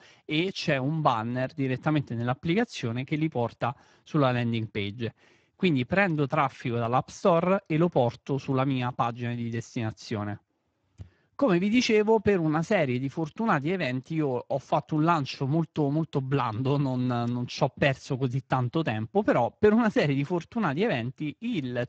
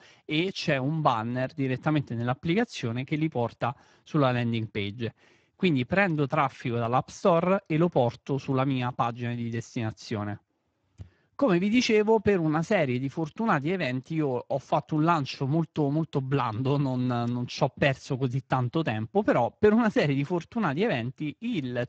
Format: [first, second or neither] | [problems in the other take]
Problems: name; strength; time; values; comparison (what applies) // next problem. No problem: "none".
neither | garbled, watery; badly; the same in both